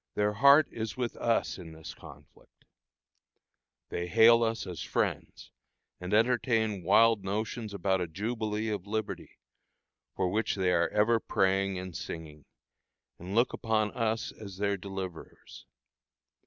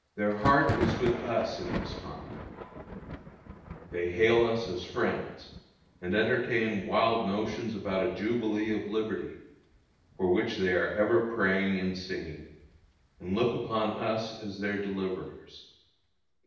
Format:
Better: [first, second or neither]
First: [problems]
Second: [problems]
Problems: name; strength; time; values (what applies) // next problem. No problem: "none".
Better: first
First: none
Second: background sound (Thunder); 11 dB below the speech // room echo; dies away in 0.9 s